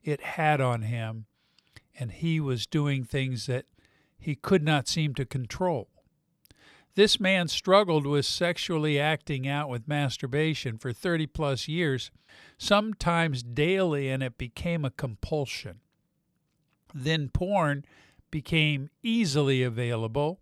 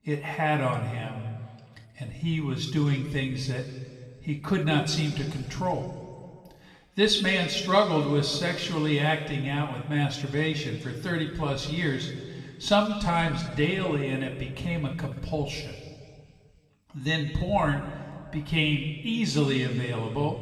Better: first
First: none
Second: room echo; noticeable; dies away in 1.8 s // off-mic speech; far

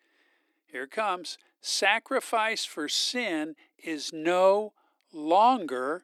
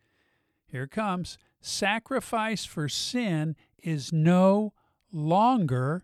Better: second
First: thin; very; fading below 300 Hz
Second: none

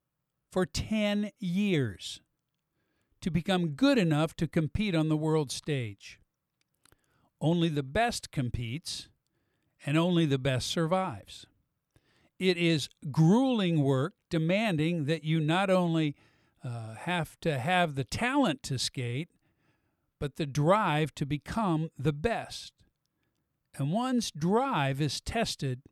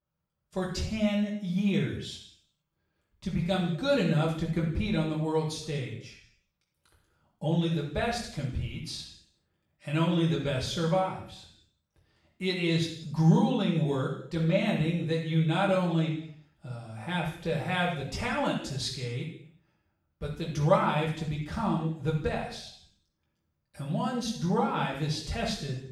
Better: first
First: none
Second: room echo; noticeable; dies away in 0.6 s // off-mic speech; far

